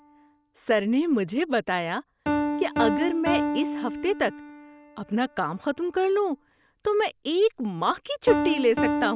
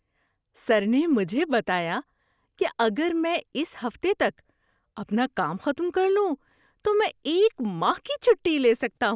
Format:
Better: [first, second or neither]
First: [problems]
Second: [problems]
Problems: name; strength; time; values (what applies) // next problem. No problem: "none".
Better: second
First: background sound (Piano); 5 dB below the speech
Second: none